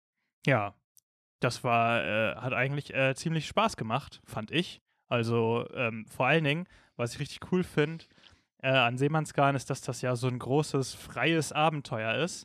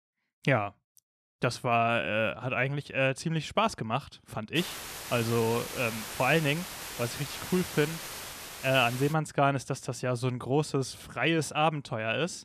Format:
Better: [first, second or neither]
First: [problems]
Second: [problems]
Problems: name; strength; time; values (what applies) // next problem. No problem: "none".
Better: first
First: none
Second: hiss; loud; from 4.5 to 9 s; 9 dB below the speech